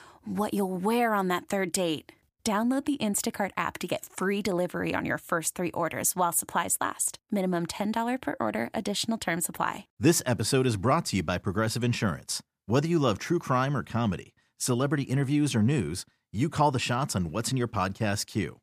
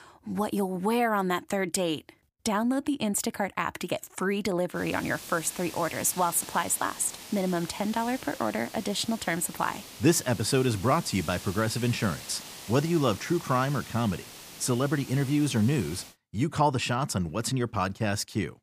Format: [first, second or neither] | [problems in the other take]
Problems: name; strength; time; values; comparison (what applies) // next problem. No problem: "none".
first | hiss; noticeable; from 5 to 16 s; 15 dB below the speech